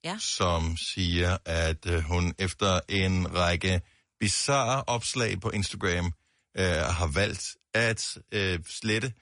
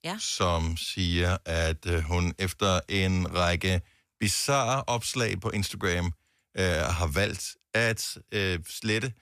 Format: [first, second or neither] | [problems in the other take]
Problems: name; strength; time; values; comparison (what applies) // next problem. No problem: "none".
second | garbled, watery; slightly; nothing above 10.5 kHz